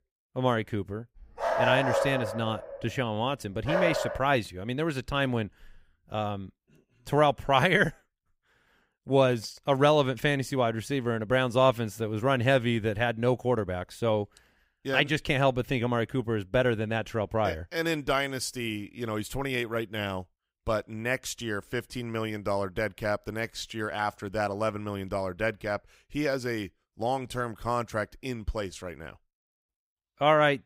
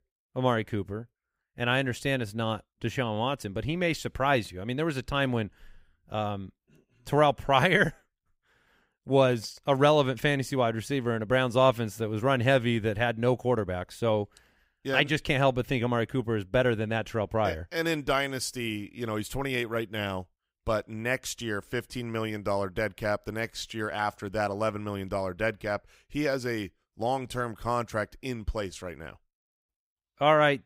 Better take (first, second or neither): second